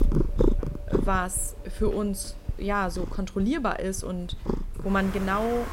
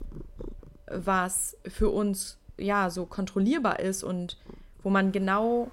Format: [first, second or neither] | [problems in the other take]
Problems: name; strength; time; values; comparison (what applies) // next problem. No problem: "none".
second | animal sounds; loud; throughout; 4 dB below the speech; faint in the second